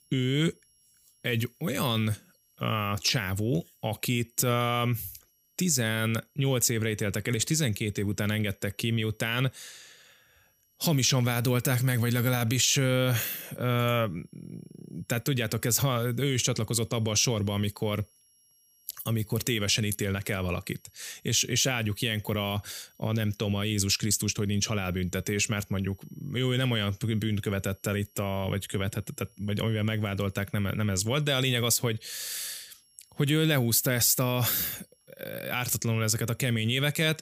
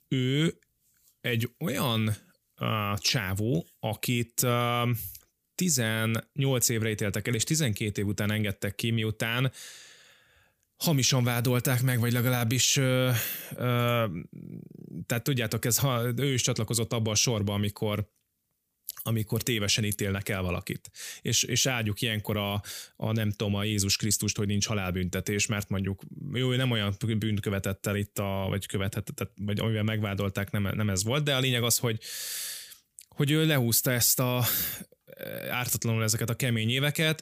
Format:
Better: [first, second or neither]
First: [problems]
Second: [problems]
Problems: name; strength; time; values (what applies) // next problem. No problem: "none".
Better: second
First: high-pitched whine; faint; throughout; 11.5 kHz, 35 dB below the speech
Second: none